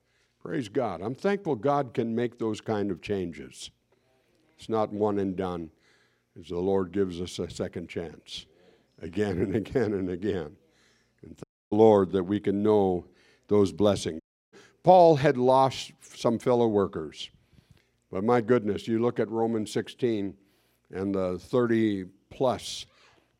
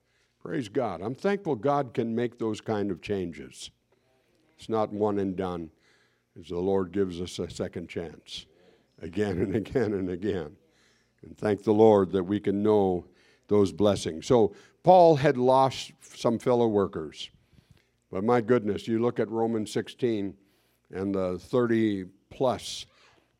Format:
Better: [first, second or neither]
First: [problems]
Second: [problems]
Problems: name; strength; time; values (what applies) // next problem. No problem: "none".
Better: second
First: audio cutting out; at 11 s and at 14 s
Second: none